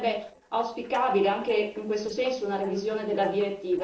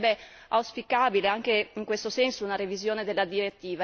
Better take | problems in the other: second | noise reduction (neural separator model SepFormer DNS4)

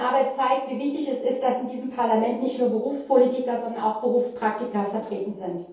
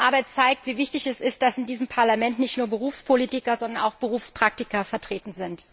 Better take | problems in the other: second | room echo; dies away in 0.7 s

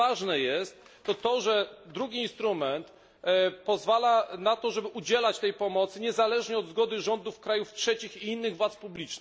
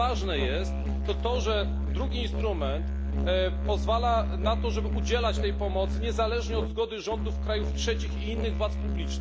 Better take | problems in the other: first | background sound (Musical instrument); 2 dB above the speech

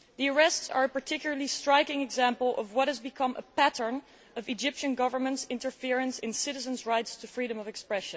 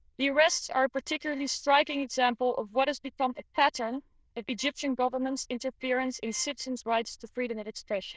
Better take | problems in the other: first | noise reduction (neural diffusion model UNIVERSE++)

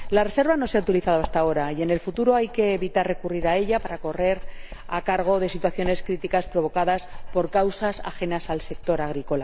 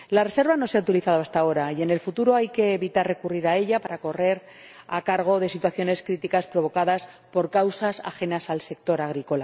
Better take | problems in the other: second | background sound (Writing); 8 dB below the speech

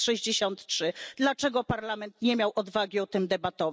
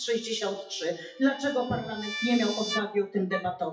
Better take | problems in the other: first | noise reduction (classical method WPE with log-MMSE)

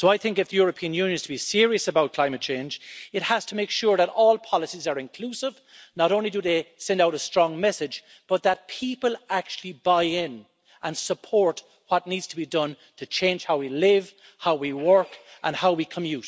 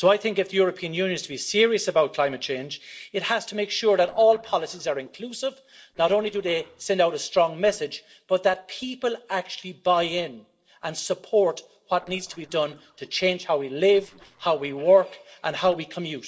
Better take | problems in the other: first | noise reduction (neural separator model SepFormer DNS4)

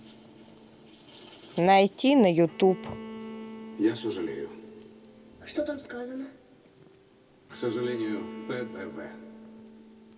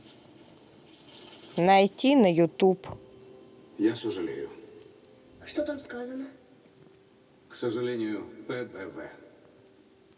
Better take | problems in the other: second | background sound (Bowed string instrument); 16 dB below the speech

